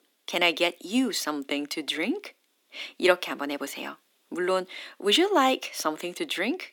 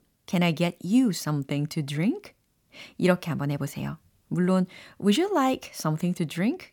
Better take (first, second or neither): second